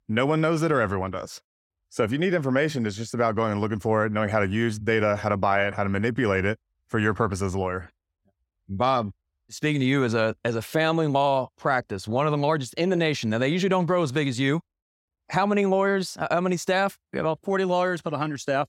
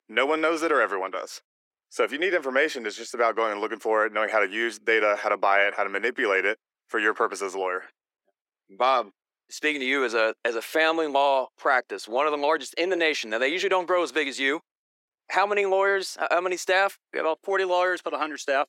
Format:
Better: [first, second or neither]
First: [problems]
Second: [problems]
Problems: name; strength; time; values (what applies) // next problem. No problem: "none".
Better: first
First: none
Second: thin; very; fading below 350 Hz